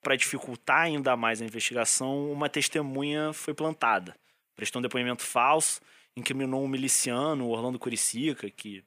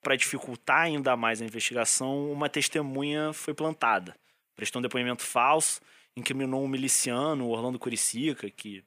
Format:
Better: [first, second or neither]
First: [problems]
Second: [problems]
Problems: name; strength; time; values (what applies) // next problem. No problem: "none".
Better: neither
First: thin; very slightly; fading below 400 Hz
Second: thin; very slightly; fading below 400 Hz